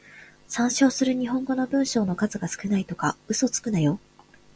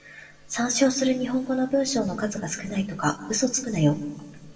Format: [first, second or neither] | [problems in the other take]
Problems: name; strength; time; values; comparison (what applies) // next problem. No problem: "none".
first | room echo; dies away in 1.1 s